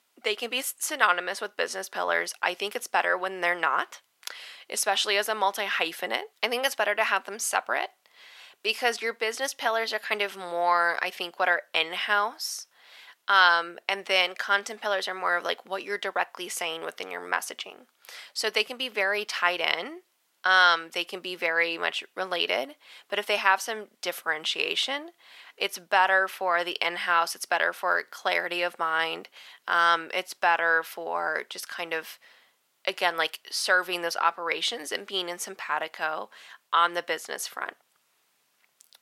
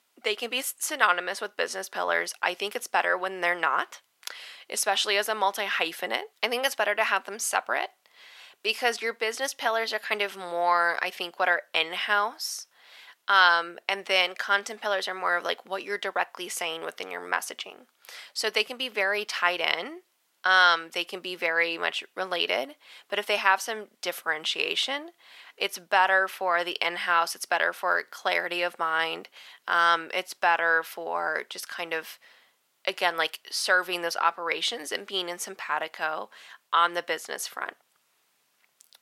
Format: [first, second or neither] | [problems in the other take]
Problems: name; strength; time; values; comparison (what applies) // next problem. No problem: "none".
neither | thin; very; fading below 700 Hz; the same in both